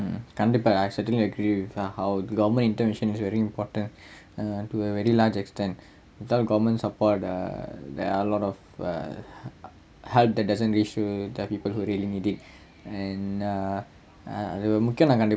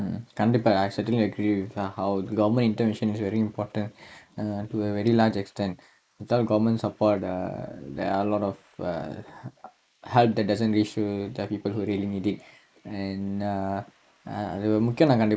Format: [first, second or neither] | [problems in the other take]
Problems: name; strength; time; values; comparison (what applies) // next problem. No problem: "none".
first | noise reduction (neural mask model Resemble Enhance denoiser)